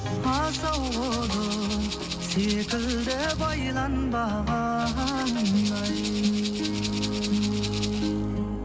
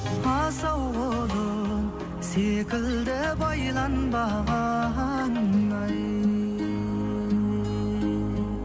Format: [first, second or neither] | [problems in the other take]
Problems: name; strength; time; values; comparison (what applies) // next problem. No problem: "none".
second | background sound (Rattle (instrument)); 10 dB below the speech